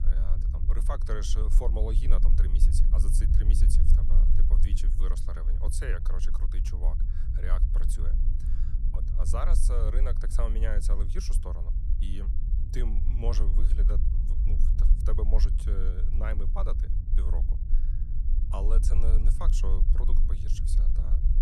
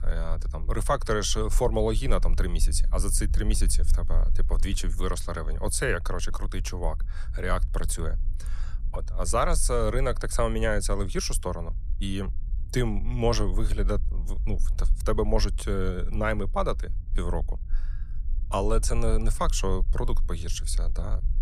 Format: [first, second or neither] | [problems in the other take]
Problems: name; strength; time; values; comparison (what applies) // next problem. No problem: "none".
second | low rumble; loud; throughout; 7 dB below the speech; faint in the second